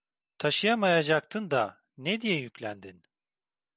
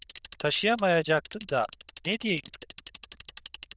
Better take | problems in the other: first | noise reduction (neural diffusion model UNIVERSE++)

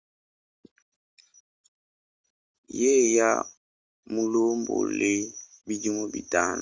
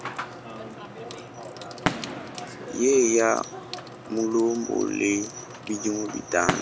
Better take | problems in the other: first | background sound (Sink (filling or washing) / Water tap, faucet / Water + Fireworks); 8 dB below the speech

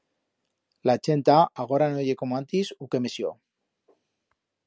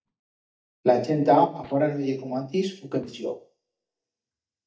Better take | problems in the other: first | noise reduction (neural mask model DeepFilterNet 3)

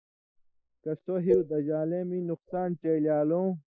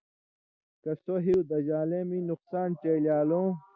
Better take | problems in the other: second | noise reduction (neural mask model Resemble Enhance denoiser)

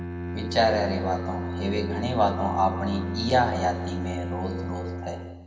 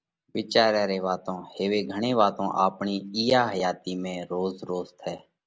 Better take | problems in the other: second | background sound (Bowed string instrument); 4 dB below the speech // room echo; dies away in 1.6 s

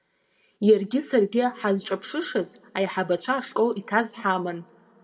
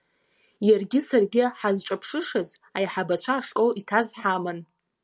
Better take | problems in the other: second | room echo; dies away in 1.6 s

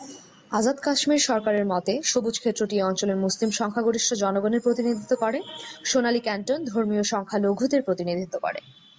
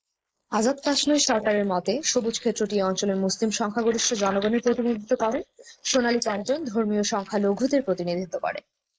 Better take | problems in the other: first | noise reduction (neural mask model Resemble Enhance denoiser)

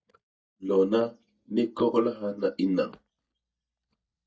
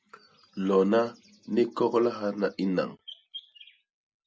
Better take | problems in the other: second | noise reduction (neural mask model DeepFilterNet 3)

